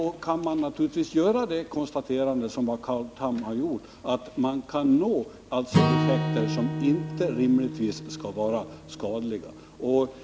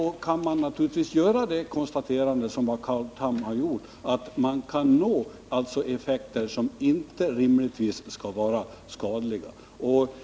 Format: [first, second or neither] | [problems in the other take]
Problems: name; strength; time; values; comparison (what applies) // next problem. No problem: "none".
second | background sound (Acoustic guitar / Strum); 6 dB below the speech